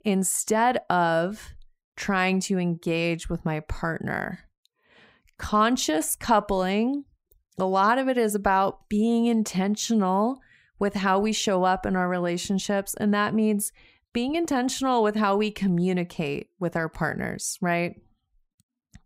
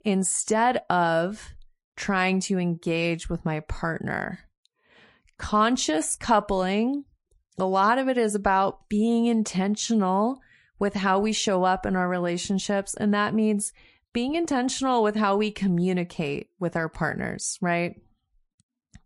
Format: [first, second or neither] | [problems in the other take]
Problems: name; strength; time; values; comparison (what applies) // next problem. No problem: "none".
first | garbled, watery; slightly; nothing above 11 kHz